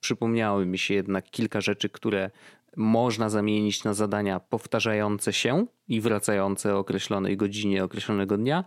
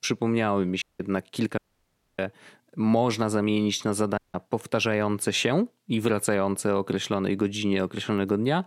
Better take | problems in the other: first | audio cutting out; at 1 s, at 1.5 s for 0.5 s and at 4 s

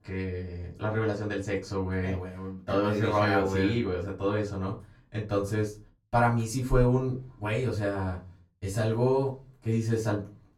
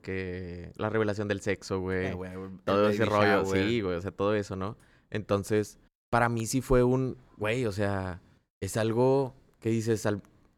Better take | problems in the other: second | off-mic speech; far // room echo; very slight; dies away in 0.3 s

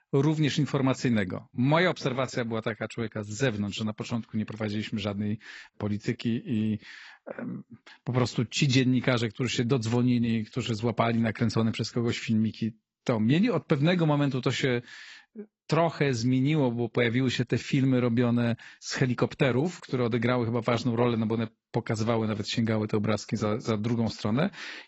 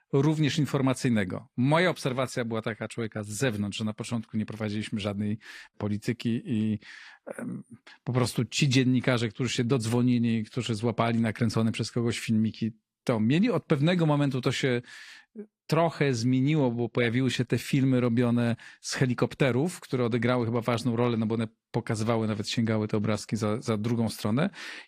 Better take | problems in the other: second | garbled, watery; badly; nothing above 8 kHz; slightly in the second

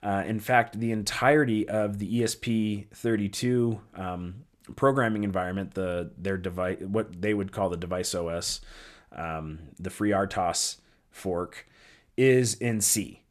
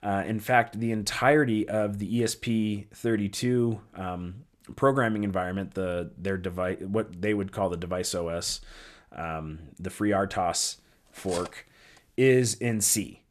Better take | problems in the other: first | clattering dishes; faint; at 11 s; peak 10 dB below the speech

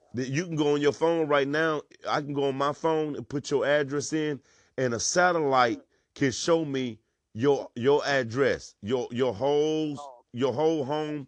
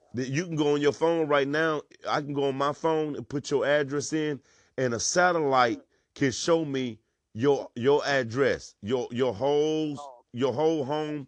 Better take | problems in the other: neither | none

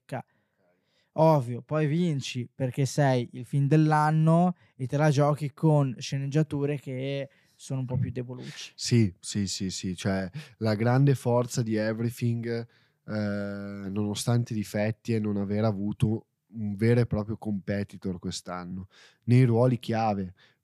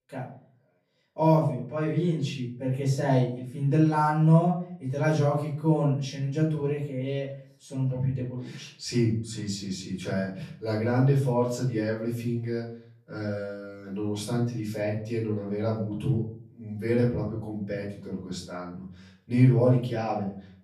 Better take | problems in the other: first | room echo; noticeable; dies away in 0.4 s // off-mic speech; far

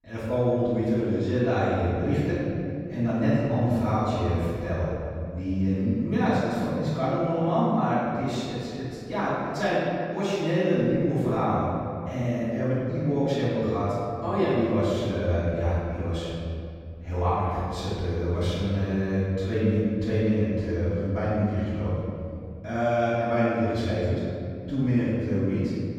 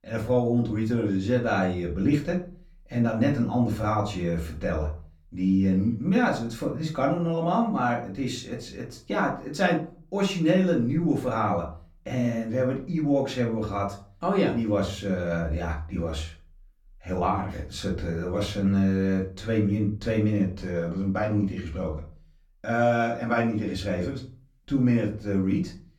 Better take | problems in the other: second | room echo; strong; dies away in 2.4 s; slight in the second // off-mic speech; far; far in the second

